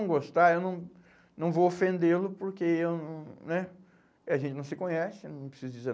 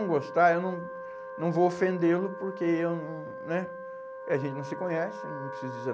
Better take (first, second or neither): first